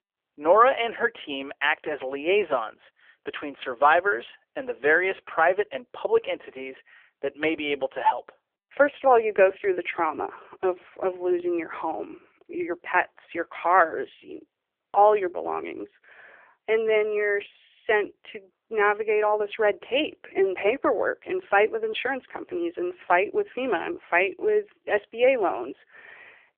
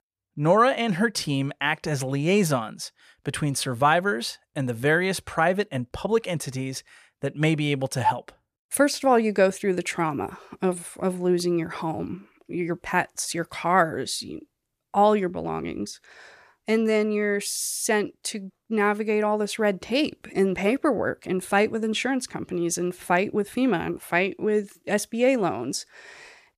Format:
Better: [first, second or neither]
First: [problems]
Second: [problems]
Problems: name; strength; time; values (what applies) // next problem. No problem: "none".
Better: second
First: phone-call audio; poor line; nothing above 3.5 kHz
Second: none